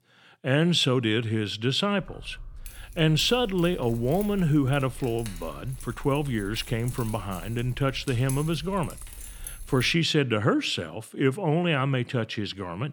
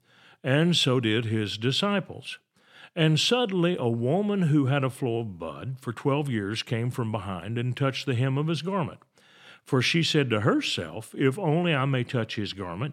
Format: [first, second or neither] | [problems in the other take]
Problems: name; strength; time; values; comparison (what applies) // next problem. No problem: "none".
second | jangling keys; faint; from 2 to 10 s; peak 10 dB below the speech